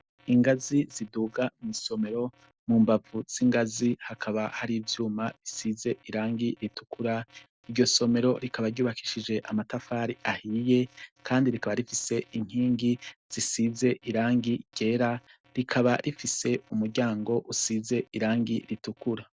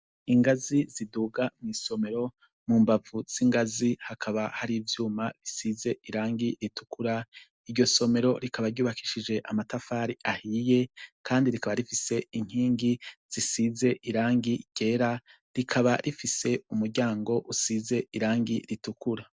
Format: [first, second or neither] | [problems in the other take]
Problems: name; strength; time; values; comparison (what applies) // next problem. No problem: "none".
second | noise reduction (neural separator model SepFormer DNS4)